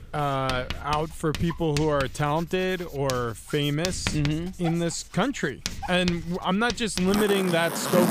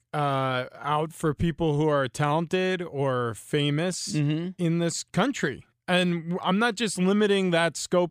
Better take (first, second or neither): second